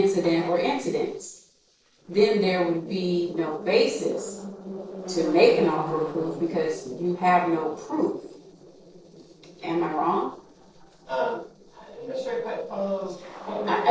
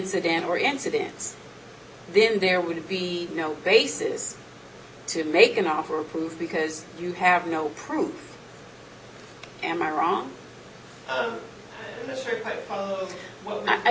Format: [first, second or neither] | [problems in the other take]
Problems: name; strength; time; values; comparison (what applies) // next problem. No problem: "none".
second | noise reduction (neural separator model SepFormer DNS4)